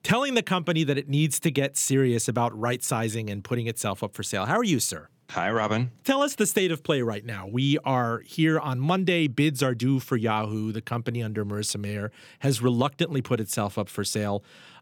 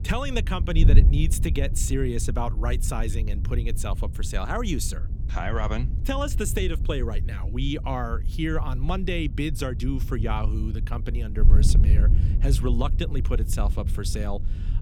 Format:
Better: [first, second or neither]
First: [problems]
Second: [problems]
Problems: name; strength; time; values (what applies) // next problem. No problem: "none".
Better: first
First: none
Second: wind noise on the microphone; occasional gusts; 10 dB below the speech